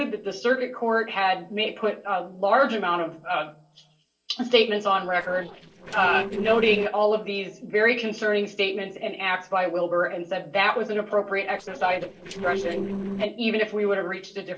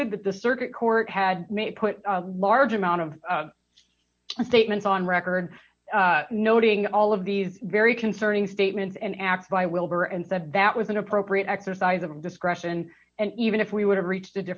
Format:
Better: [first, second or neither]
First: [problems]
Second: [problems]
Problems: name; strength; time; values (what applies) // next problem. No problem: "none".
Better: second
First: noise reduction (neural separator model SepFormer DNS4)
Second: none